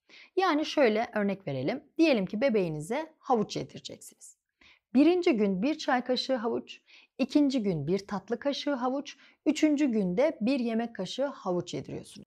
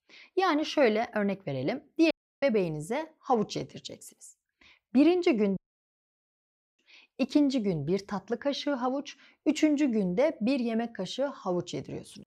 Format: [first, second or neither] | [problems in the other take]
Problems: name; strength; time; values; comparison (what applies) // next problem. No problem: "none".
first | audio cutting out; at 2 s and at 5.5 s for 1 s